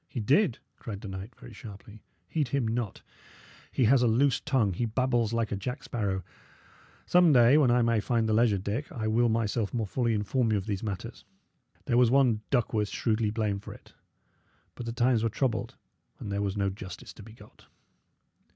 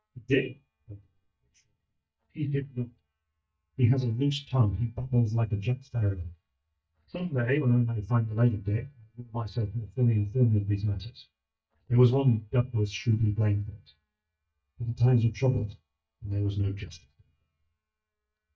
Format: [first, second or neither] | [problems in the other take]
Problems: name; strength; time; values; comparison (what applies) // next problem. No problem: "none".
first | noise reduction (neural mask model DeepFilterNet 3)